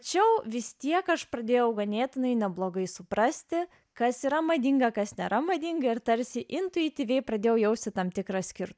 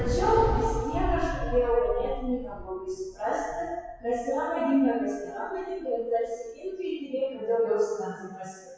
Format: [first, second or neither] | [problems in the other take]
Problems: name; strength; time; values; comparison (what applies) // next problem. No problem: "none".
first | noise reduction (classical method WPE with log-MMSE)